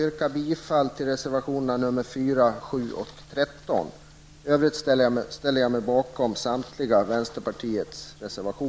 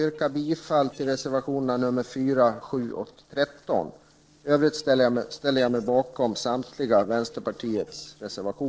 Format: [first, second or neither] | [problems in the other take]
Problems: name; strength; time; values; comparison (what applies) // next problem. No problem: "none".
first | noise reduction (neural separator model SepFormer DNS4)